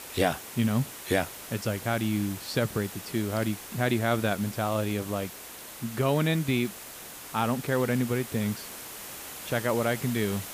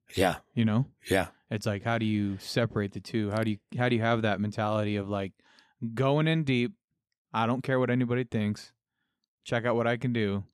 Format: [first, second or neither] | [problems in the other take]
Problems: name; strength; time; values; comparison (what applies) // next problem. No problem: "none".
second | hiss; noticeable; throughout; 10 dB below the speech